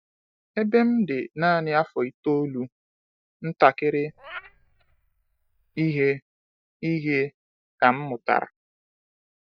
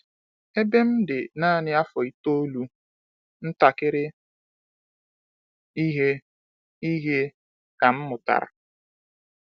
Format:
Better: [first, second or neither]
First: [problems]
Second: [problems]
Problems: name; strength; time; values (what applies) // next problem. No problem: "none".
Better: second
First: noise reduction (neural mask model DeepFilterNet 3)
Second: none